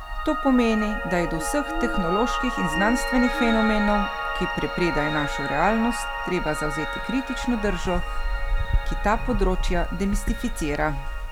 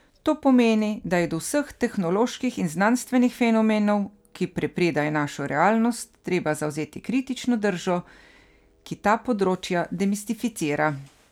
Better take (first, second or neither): second